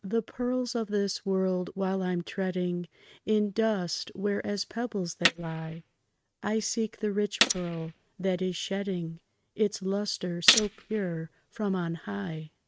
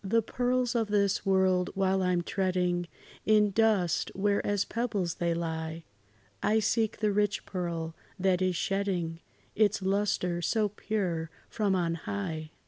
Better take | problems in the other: second | noise reduction (neural mask model RNNoise)

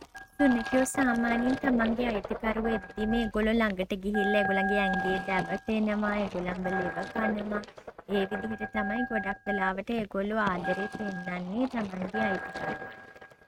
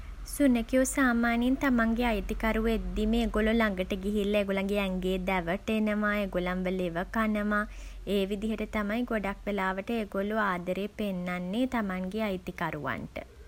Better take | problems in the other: second | noise reduction (neural mask model RNNoise)

